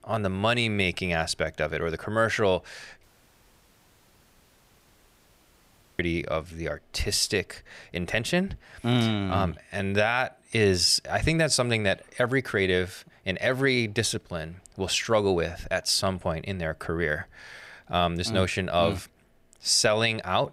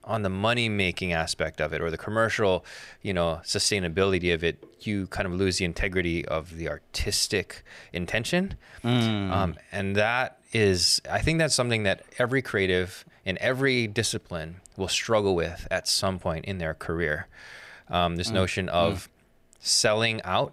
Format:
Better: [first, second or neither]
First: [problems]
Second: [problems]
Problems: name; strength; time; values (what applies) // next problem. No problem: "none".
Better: second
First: audio cutting out; at 3 s for 3 s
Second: none